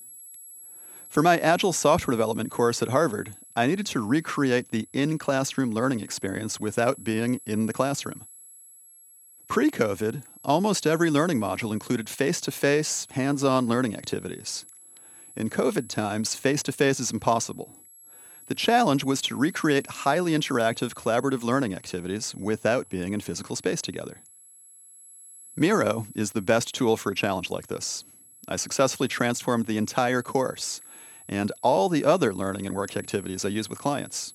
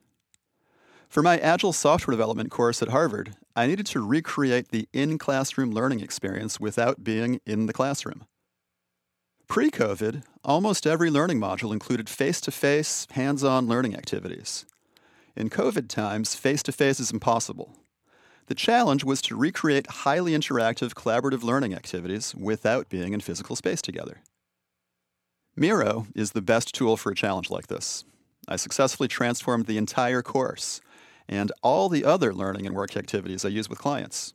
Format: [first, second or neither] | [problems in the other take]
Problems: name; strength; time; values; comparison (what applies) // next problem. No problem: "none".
second | high-pitched whine; noticeable; throughout; 11 kHz, 20 dB below the speech